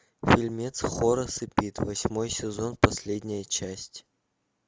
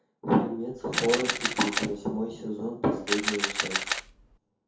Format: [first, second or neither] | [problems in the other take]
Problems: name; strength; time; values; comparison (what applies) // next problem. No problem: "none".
first | background sound (Camera); 1 dB below the speech // room echo; dies away in 0.5 s